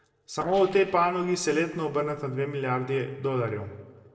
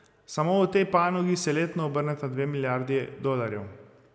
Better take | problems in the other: second | noise reduction (neural separator model SepFormer DNS4)

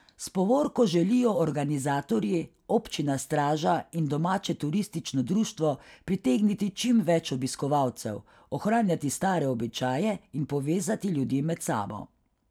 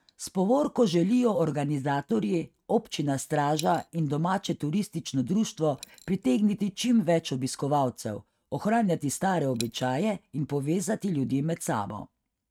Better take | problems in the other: first | noise reduction (neural mask model RNNoise)

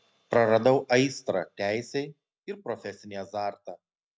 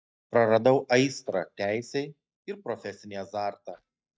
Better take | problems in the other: first | noise reduction (neural mask model DeepFilterNet 3)

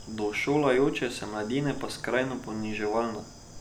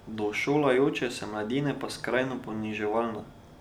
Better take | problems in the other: second | background sound (Bird / Insect); 17 dB below the speech

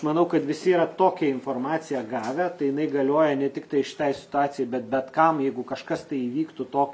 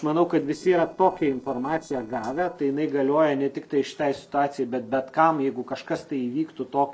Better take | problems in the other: first | noise reduction (neural separator model SepFormer DNS4)

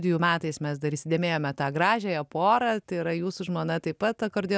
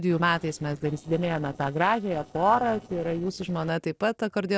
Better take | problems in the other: first | noise reduction (neural separator model SepFormer DNS4)

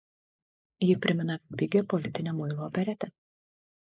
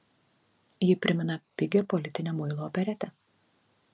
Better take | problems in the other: second | noise reduction (neural mask model Resemble Enhance denoiser)

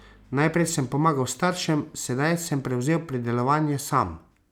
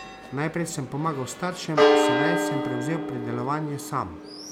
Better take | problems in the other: first | background sound (Church bell); 4 dB above the speech

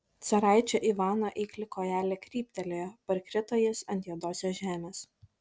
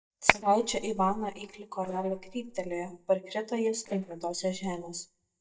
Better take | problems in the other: first | noise reduction (neural mask model DeepFilterNet 3)

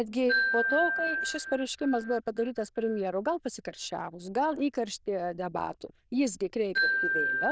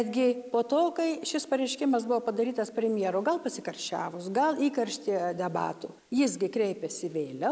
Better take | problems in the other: second | noise reduction (neural diffusion model UNIVERSE++)

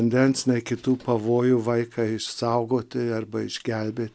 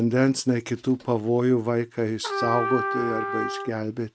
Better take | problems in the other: first | noise reduction (neural mask model RNNoise)

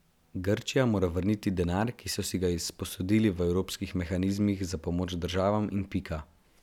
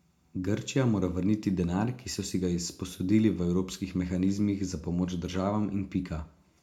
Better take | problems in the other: first | room echo; dies away in 0.3 s

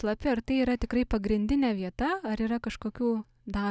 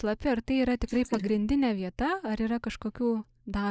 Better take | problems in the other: first | noise reduction (neural mask model Resemble Enhance denoiser)

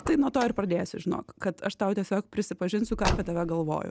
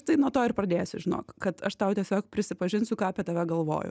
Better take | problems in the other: second | background sound (Car); 9 dB below the speech

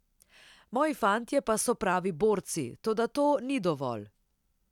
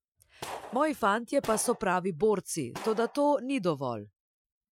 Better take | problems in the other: first | noise reduction (classical method Wiener filter)

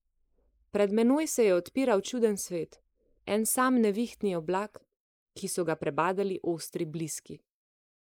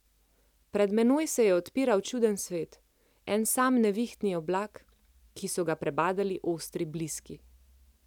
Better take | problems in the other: second | noise reduction (neural mask model Resemble Enhance denoiser)

